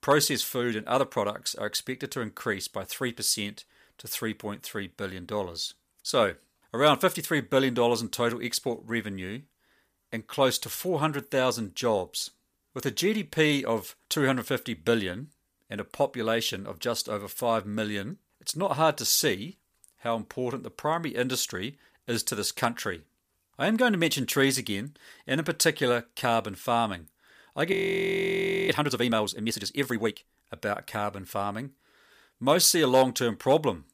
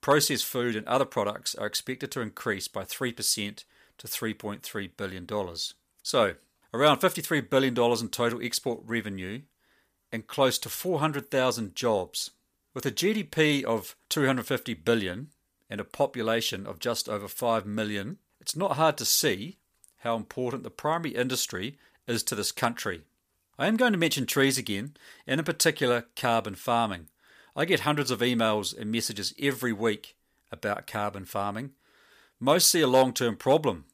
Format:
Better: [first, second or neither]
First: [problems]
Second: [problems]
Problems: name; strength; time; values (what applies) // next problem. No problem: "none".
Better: second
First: audio freezing; at 28 s for 1 s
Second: none